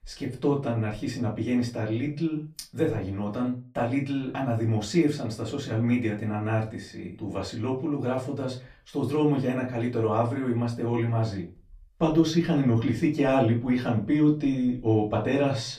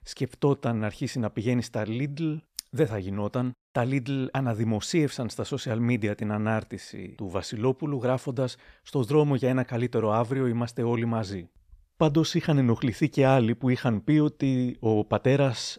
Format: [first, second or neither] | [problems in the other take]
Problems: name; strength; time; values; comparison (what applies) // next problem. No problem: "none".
second | off-mic speech; far // room echo; very slight; dies away in 0.3 s